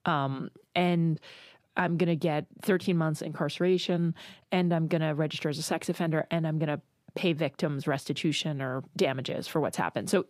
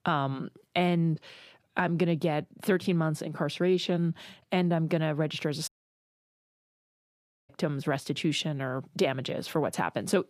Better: first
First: none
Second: audio cutting out; at 5.5 s for 2 s

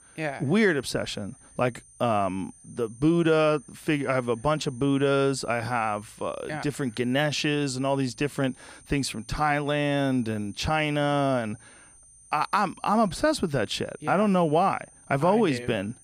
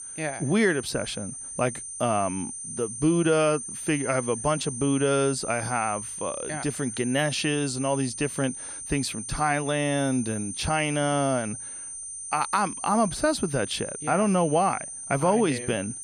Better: first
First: high-pitched whine; faint; throughout; 9 kHz, 25 dB below the speech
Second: high-pitched whine; loud; throughout; 9 kHz, 8 dB below the speech

